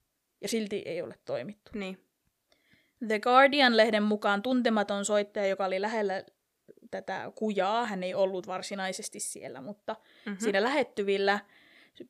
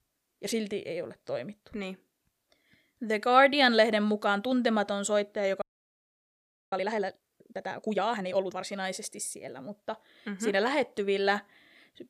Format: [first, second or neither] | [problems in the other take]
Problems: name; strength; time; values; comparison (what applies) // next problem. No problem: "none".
first | audio freezing; at 5.5 s for 1 s